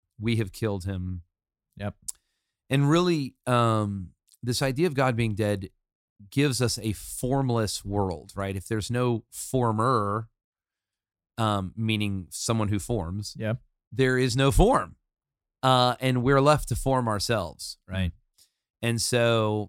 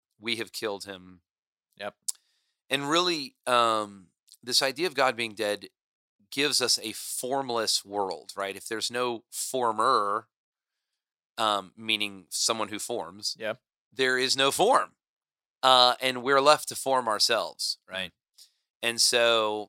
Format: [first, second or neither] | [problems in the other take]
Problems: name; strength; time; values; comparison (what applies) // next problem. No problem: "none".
first | thin; very; fading below 500 Hz